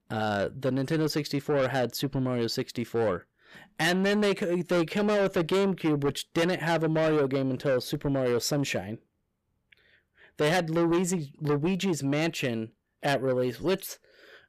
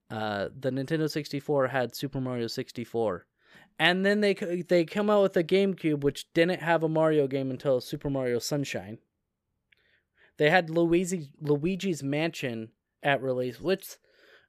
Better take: second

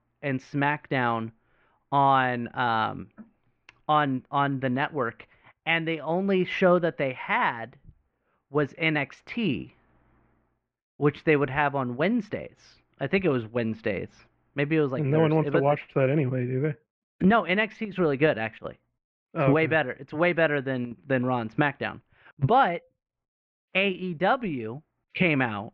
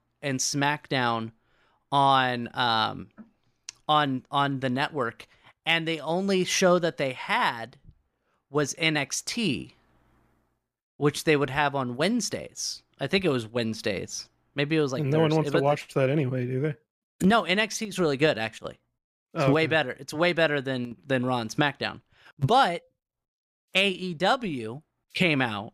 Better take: second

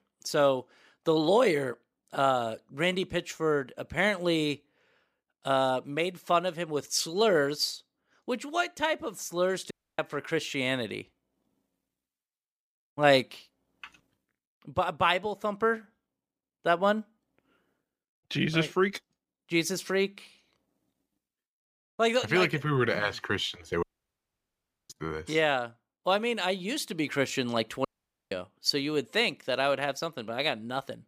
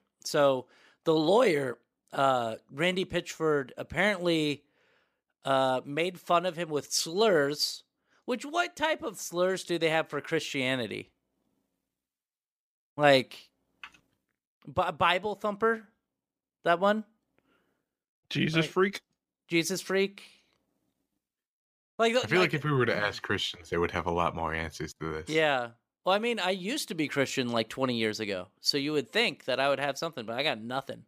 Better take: second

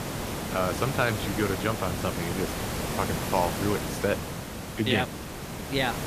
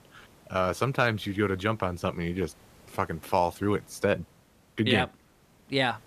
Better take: second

